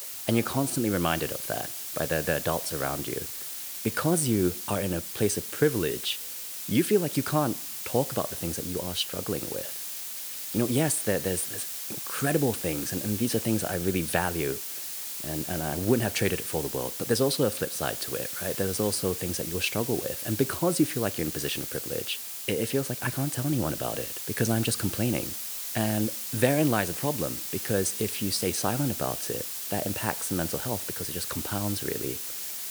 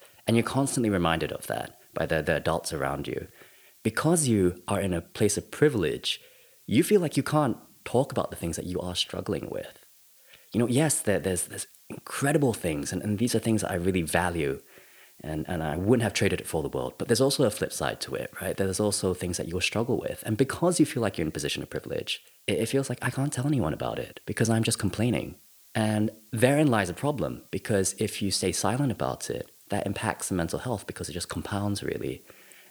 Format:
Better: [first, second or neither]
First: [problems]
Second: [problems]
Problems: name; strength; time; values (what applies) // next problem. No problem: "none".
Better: second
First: hiss; loud; throughout; 3 dB below the speech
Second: hiss; faint; throughout; 25 dB below the speech